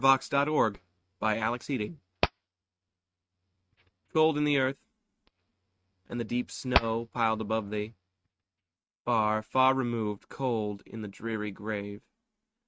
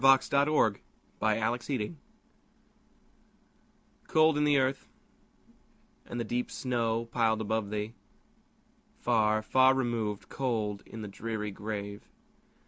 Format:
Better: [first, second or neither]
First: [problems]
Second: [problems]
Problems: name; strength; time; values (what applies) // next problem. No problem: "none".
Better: second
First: noise reduction (neural mask model RNNoise)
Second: none